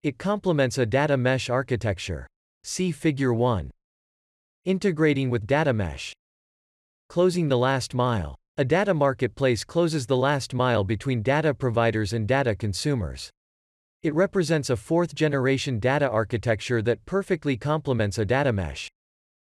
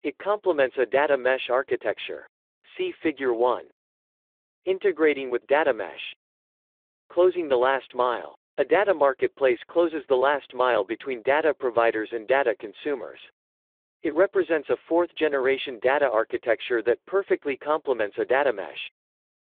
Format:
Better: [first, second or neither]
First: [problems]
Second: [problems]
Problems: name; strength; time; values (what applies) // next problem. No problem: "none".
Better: first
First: none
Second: phone-call audio